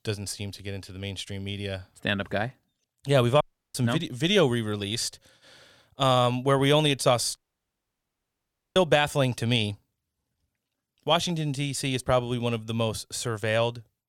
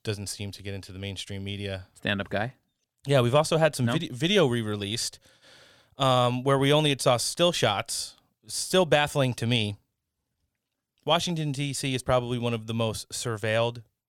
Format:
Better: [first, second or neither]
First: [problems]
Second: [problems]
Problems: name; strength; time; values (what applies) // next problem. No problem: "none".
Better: second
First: audio cutting out; at 3.5 s and at 7.5 s for 1.5 s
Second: none